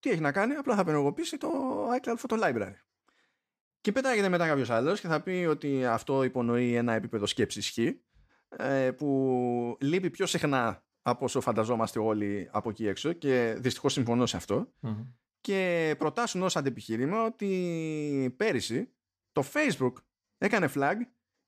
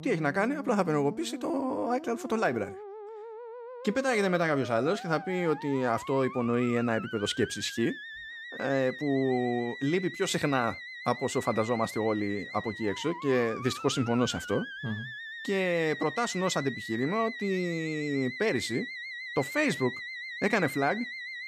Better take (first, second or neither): first